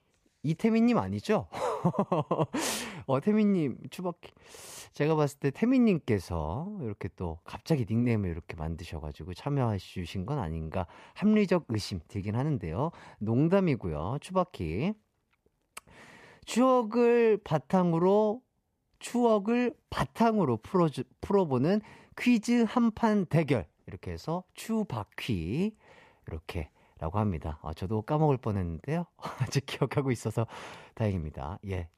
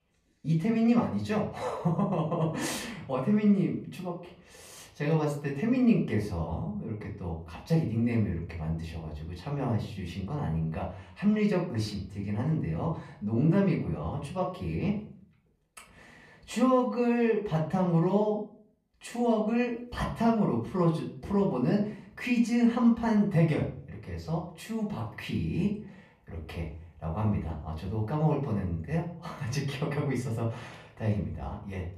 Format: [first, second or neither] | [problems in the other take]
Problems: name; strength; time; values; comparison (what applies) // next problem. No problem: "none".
first | off-mic speech; far // room echo; slight; dies away in 0.4 s